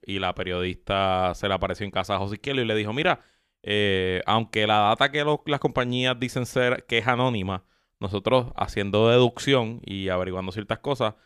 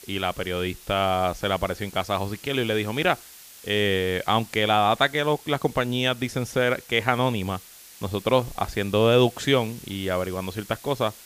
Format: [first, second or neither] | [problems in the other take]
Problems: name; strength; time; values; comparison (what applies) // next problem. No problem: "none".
first | hiss; noticeable; throughout; 20 dB below the speech